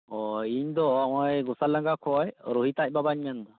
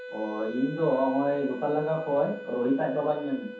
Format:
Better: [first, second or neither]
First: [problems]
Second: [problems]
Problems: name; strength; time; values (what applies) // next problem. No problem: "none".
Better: first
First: none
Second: background sound (Wind instrument, woodwind instrument); 13 dB below the speech // room echo; dies away in 0.7 s